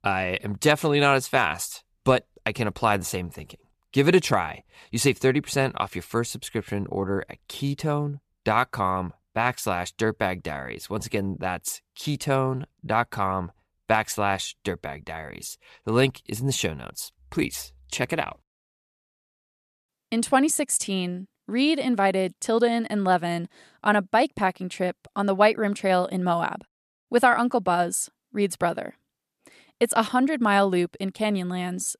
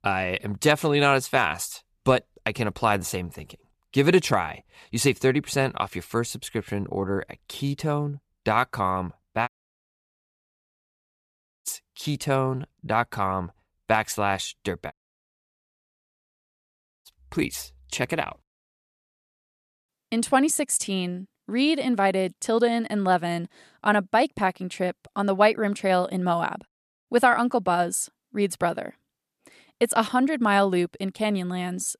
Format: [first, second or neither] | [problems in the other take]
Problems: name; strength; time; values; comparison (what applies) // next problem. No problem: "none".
first | audio cutting out; at 9.5 s for 2 s and at 15 s for 2 s